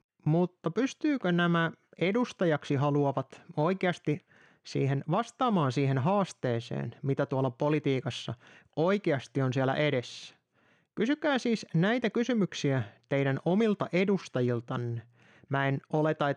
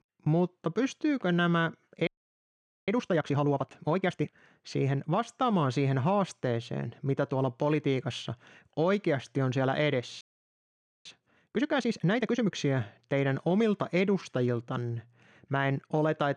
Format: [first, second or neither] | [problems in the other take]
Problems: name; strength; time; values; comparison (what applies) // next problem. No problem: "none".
first | audio freezing; at 2 s for 1 s and at 10 s for 1 s